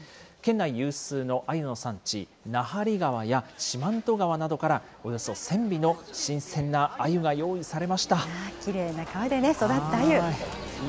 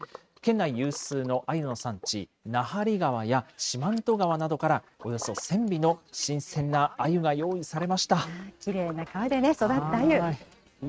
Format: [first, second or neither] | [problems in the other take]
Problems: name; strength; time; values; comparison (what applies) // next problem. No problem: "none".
first | noise reduction (neural mask model RNNoise)